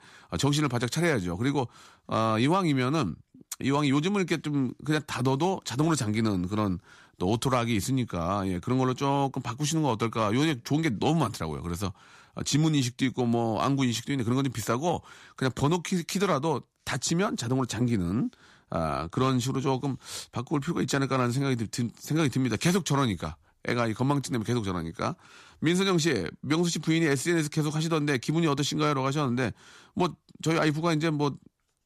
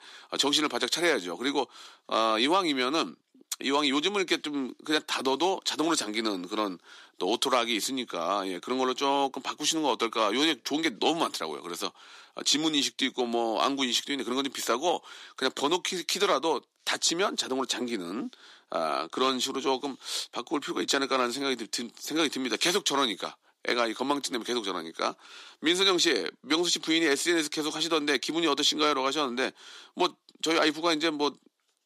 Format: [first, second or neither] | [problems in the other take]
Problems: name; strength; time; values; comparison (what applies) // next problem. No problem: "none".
first | thin; somewhat; fading below 300 Hz